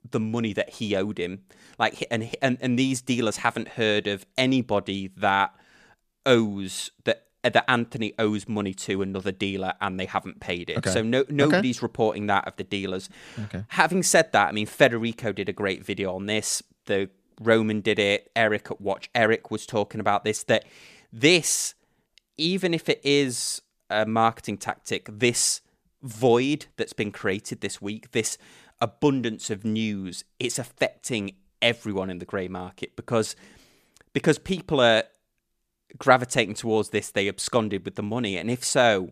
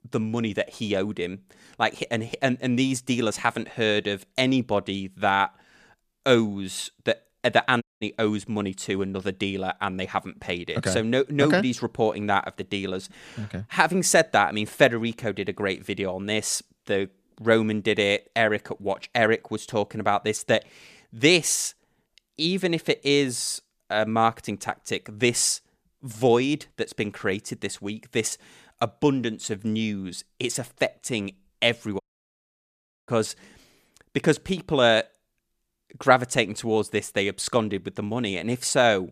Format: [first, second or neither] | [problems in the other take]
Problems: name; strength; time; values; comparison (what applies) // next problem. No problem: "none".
first | audio cutting out; at 8 s and at 32 s for 1 s